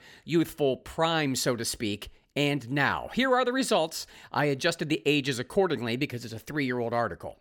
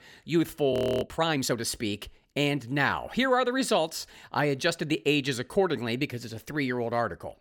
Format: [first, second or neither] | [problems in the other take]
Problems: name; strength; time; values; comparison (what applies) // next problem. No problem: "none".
first | audio freezing; at 0.5 s